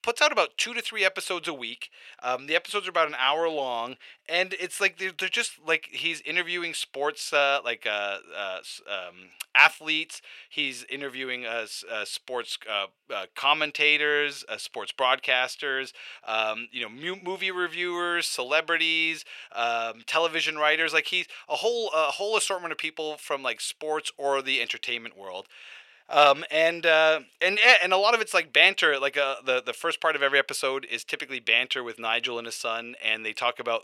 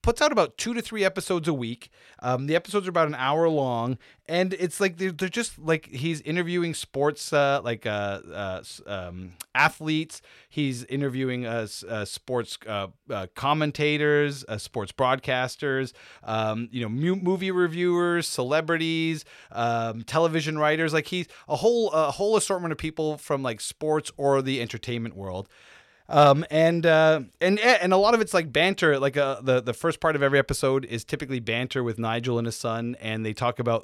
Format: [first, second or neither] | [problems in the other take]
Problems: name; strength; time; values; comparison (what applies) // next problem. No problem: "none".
second | thin; very; fading below 550 Hz